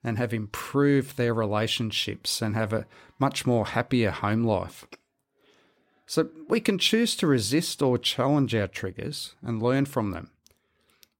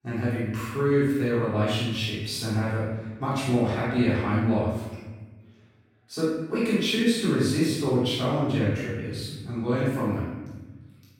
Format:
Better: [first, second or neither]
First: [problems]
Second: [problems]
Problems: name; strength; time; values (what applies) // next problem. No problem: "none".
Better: first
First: none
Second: off-mic speech; far // room echo; strong; dies away in 1.2 s